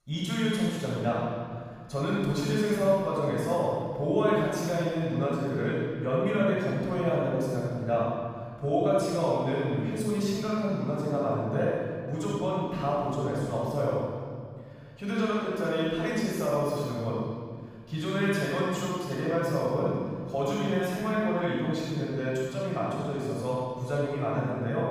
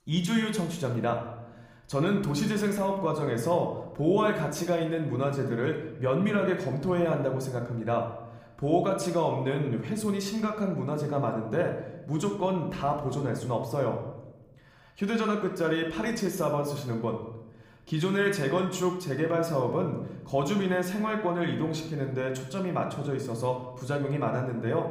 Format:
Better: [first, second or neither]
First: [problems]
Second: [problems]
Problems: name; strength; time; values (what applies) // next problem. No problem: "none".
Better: second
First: room echo; strong; dies away in 2 s // off-mic speech; far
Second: room echo; slight; dies away in 0.7 s